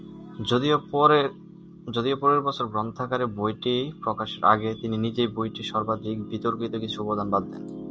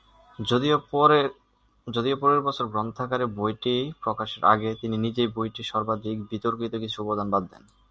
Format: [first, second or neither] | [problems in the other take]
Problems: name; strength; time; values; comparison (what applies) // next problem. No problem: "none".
second | background sound (Piano); 15 dB below the speech